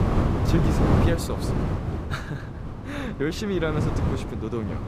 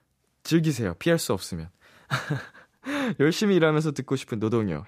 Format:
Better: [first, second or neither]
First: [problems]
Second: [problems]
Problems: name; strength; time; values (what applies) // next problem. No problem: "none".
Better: second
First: wind noise on the microphone; heavy; as loud as the speech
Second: none